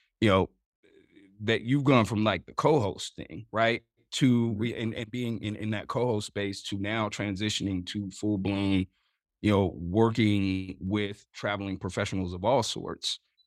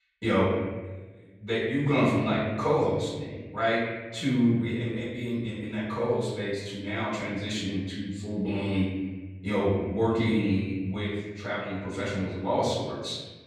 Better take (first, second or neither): first